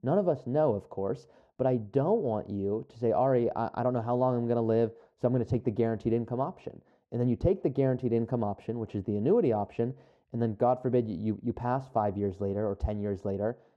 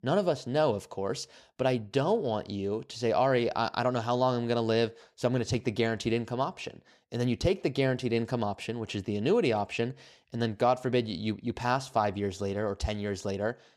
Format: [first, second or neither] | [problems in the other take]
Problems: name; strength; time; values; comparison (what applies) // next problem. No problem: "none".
second | muffled; very; fading above 1.5 kHz